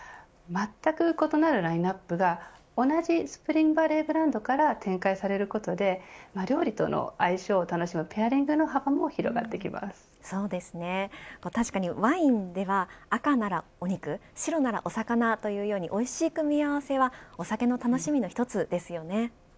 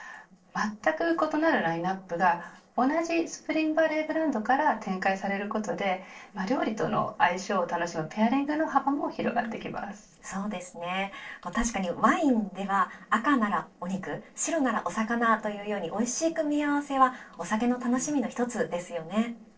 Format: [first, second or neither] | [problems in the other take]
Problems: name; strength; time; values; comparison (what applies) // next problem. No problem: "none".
first | noise reduction (neural separator model SepFormer DNS4)